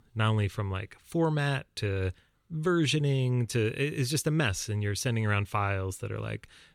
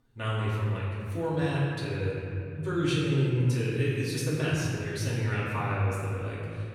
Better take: first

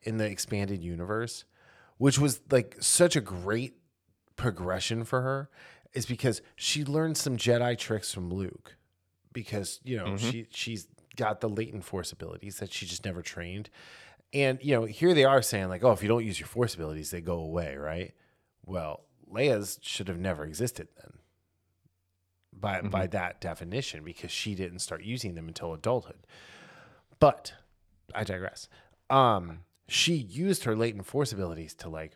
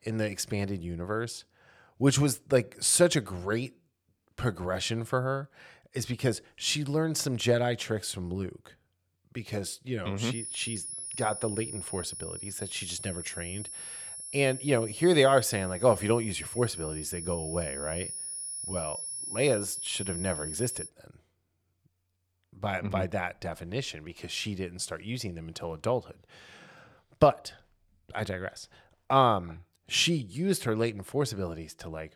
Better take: first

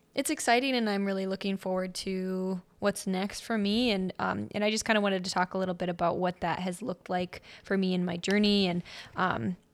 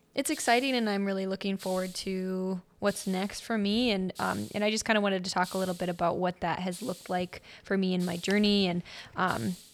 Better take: first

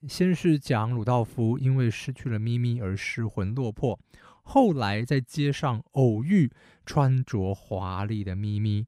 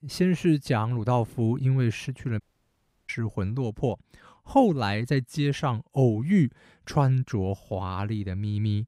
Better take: first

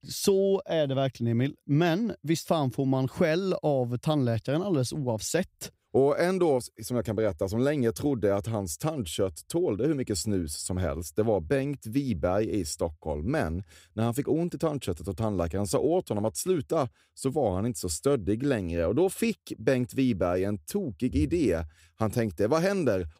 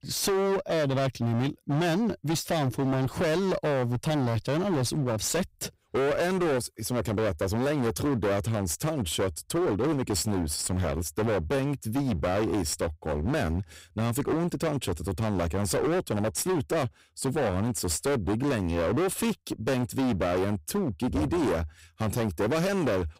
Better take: first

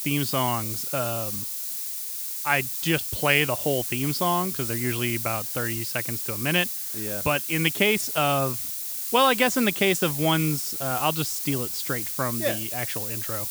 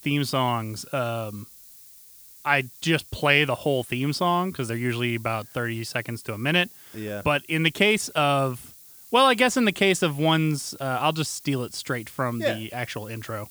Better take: second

